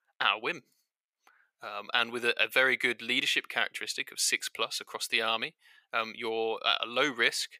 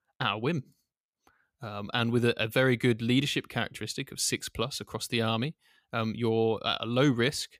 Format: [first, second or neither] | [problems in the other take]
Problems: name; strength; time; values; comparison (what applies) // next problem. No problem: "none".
second | thin; very; fading below 550 Hz